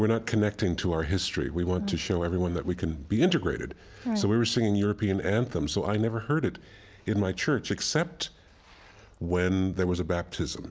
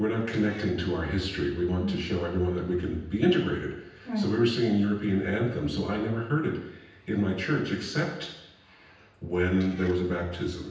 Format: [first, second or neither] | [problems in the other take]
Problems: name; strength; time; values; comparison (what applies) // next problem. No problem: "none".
first | background sound (Meow); 20 dB below the speech // room echo; dies away in 0.9 s